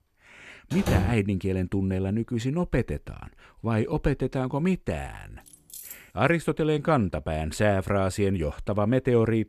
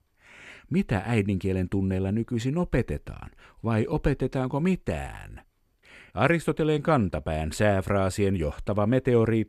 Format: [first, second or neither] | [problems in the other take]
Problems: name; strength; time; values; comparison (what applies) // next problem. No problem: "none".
second | door banging; noticeable; at 1 s; peak 1 dB below the speech // jangling keys; faint; at 5.5 s; peak 15 dB below the speech